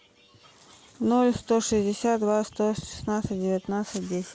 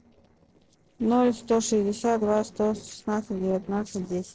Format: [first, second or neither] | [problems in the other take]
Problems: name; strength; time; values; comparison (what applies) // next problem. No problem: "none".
first | noise reduction (neural separator model SepFormer DNS4)